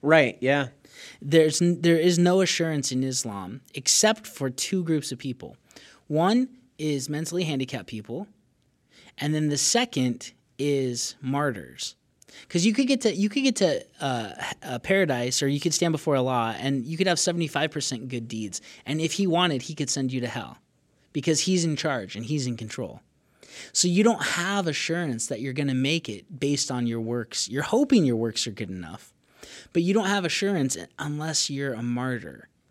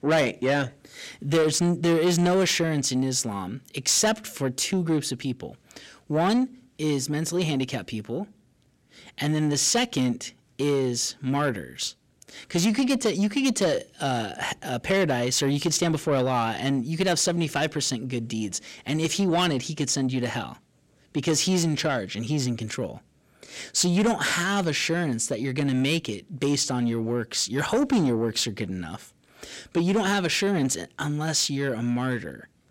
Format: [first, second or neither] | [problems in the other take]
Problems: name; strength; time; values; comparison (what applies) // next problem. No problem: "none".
first | distortion; slight; 10 dB below the speech